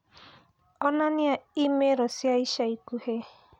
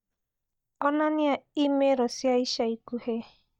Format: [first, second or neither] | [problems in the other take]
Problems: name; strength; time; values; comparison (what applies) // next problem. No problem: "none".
first | noise reduction (neural mask model DeepFilterNet 3)